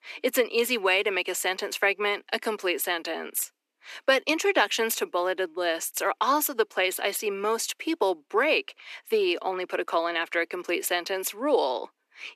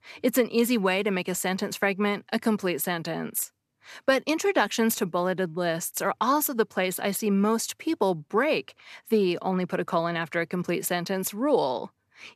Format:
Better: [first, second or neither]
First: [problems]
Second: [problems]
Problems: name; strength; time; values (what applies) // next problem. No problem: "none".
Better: second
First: thin; somewhat; fading below 300 Hz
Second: none